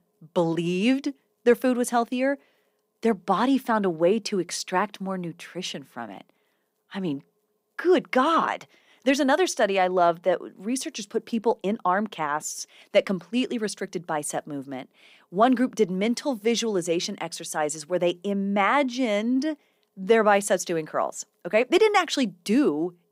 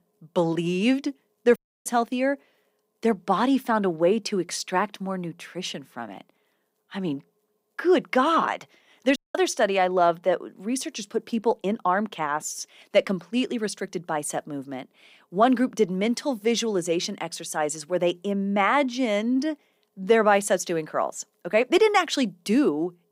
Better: first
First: none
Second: audio cutting out; at 1.5 s and at 9 s

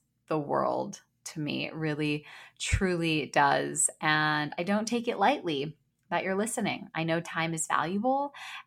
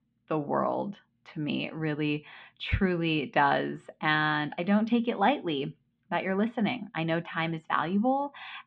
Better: first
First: none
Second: muffled; very; fading above 3.5 kHz

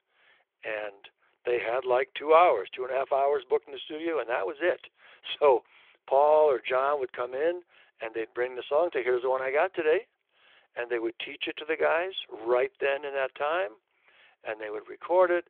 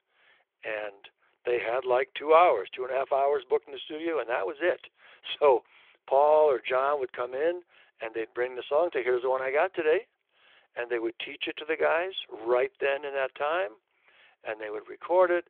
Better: neither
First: phone-call audio; nothing above 3.5 kHz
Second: phone-call audio; nothing above 3.5 kHz

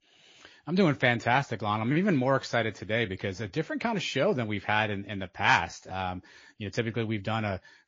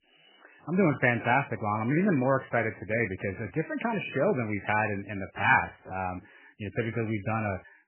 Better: first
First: garbled, watery; slightly; nothing above 6.5 kHz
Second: garbled, watery; badly; nothing above 2.5 kHz

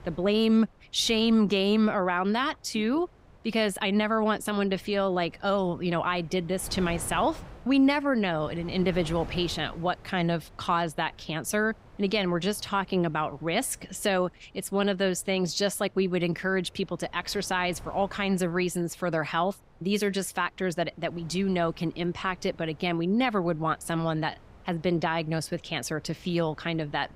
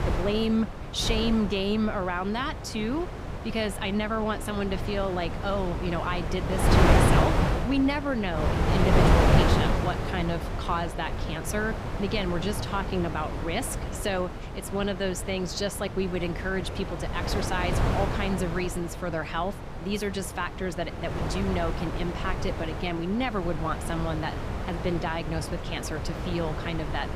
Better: first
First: wind noise on the microphone; occasional gusts; 25 dB below the speech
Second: wind noise on the microphone; heavy; 2 dB below the speech

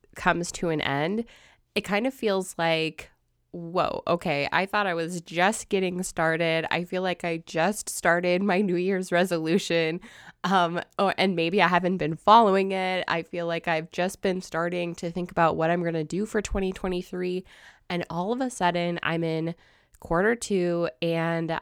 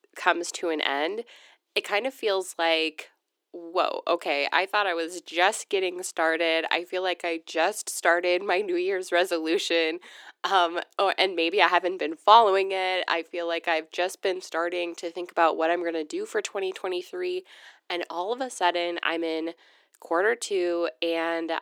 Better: first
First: none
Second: thin; very; fading below 300 Hz

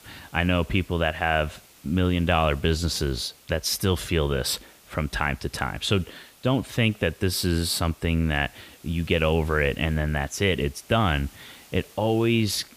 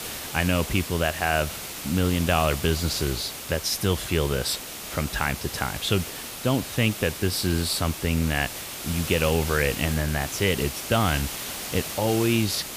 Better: first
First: hiss; faint; throughout; 25 dB below the speech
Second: hiss; loud; throughout; 7 dB below the speech

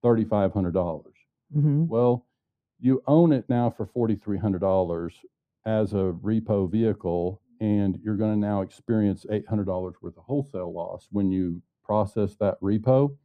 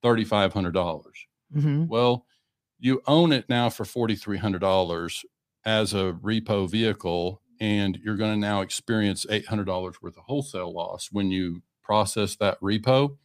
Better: second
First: muffled; very; fading above 1.5 kHz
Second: none

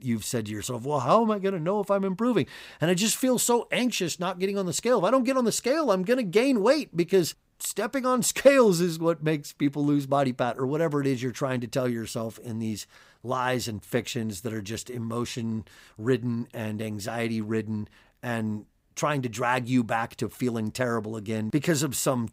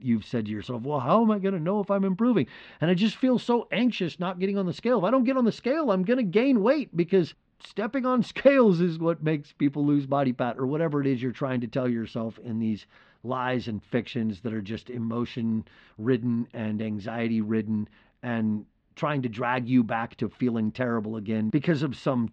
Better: first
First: none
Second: muffled; slightly; fading above 3.5 kHz

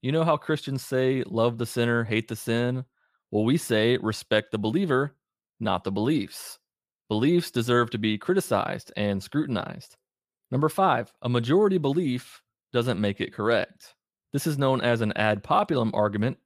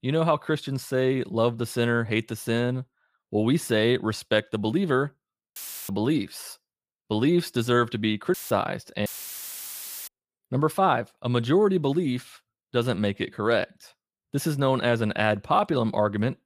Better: first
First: none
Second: audio cutting out; filled with static; at 5.5 s, at 8.5 s and at 9 s for 1 s

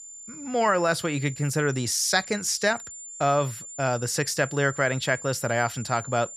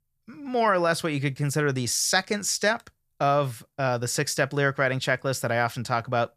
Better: second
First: high-pitched whine; noticeable; throughout; 7 kHz, 15 dB below the speech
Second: none

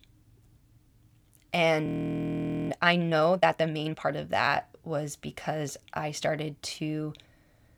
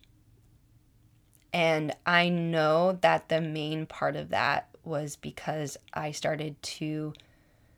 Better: second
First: audio freezing; at 2 s for 1 s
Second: none

